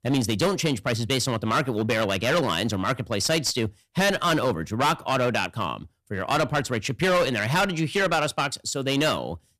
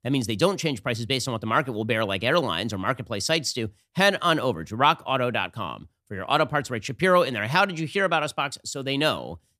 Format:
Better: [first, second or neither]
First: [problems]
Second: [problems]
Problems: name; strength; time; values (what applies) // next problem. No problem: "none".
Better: second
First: distortion; heavy; 13% of the sound clipped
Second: none